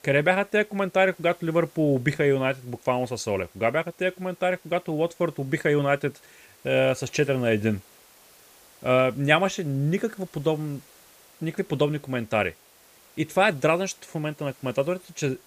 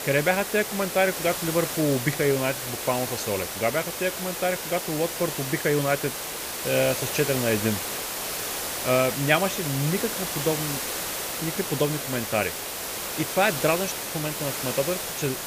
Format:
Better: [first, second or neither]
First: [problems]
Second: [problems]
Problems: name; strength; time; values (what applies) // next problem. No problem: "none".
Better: first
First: hiss; faint; throughout; 25 dB below the speech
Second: hiss; loud; throughout; 3 dB below the speech